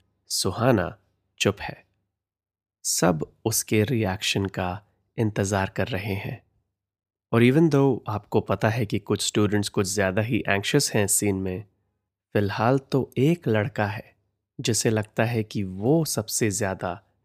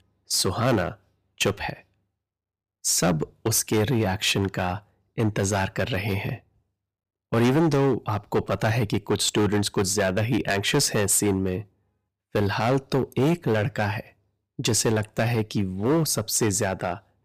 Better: first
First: none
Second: distortion; heavy; 8% of the sound clipped

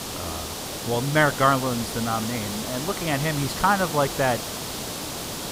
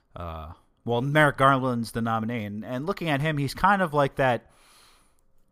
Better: second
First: hiss; loud; throughout; 6 dB below the speech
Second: none

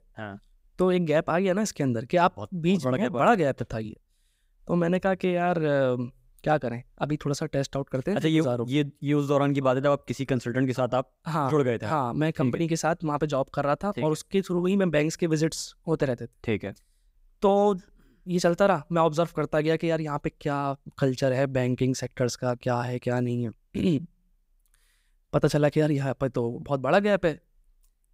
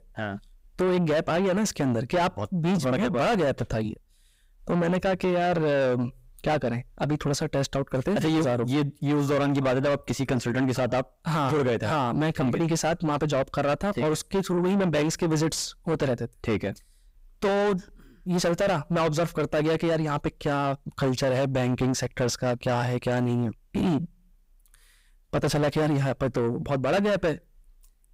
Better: first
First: none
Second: distortion; heavy; 6 dB below the speech

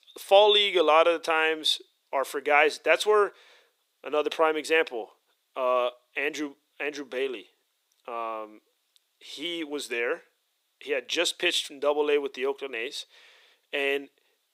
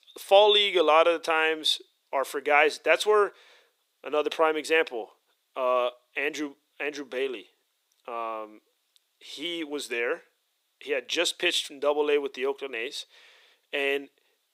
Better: neither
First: thin; somewhat; fading below 350 Hz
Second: thin; somewhat; fading below 350 Hz

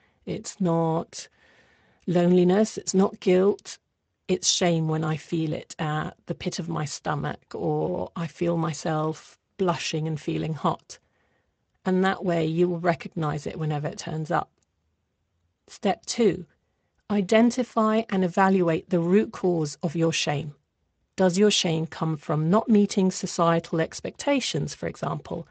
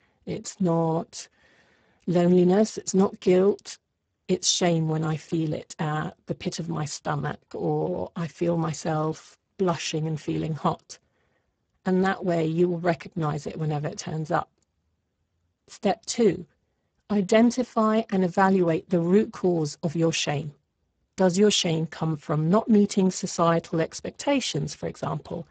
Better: first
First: garbled, watery; slightly; nothing above 8 kHz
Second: garbled, watery; badly; nothing above 8 kHz

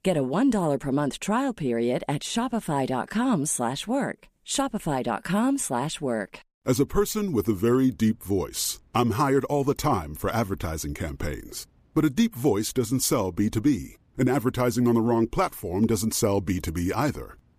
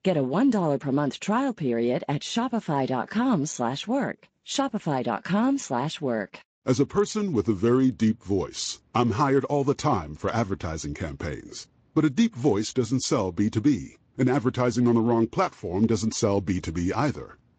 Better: first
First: none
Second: garbled, watery; slightly; nothing above 7.5 kHz

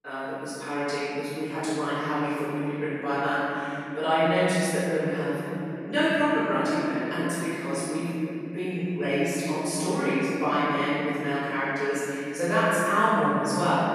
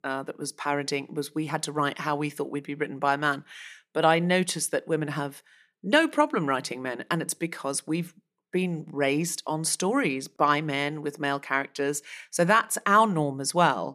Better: second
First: off-mic speech; far // room echo; strong; dies away in 3 s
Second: none

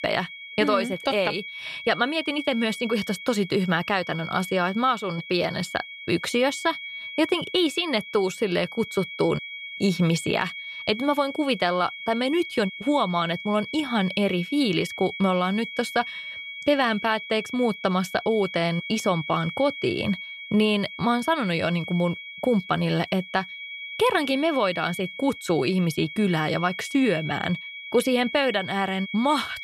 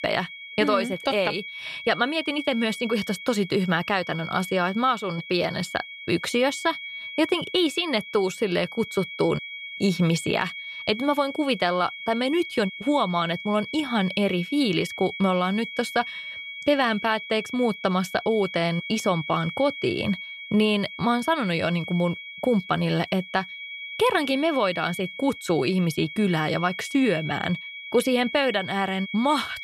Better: neither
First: high-pitched whine; noticeable; throughout; 2 kHz, 10 dB below the speech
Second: high-pitched whine; noticeable; throughout; 2 kHz, 10 dB below the speech

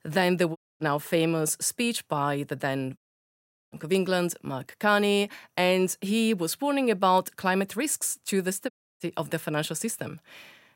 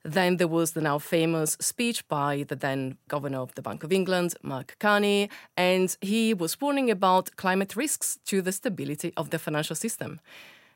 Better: second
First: audio cutting out; at 0.5 s, at 3 s for 0.5 s and at 8.5 s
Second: none

